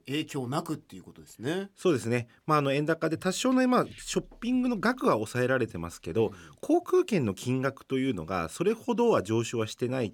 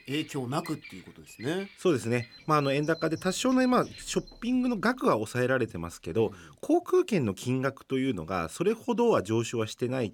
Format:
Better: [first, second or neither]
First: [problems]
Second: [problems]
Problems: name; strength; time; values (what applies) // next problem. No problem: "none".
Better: first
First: none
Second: animal sounds; noticeable; until 4.5 s; 20 dB below the speech